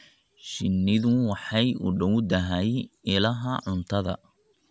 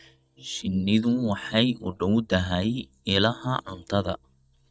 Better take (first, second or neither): first